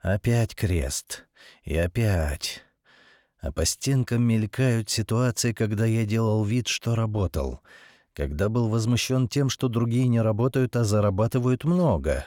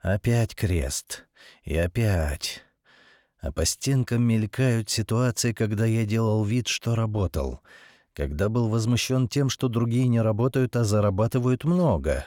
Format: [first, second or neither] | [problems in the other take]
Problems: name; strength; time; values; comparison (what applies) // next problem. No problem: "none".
neither | none